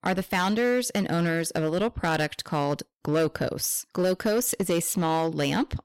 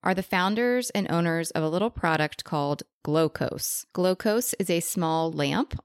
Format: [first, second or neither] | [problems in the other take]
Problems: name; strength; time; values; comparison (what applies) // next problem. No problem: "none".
second | distortion; slight; 7% of the sound clipped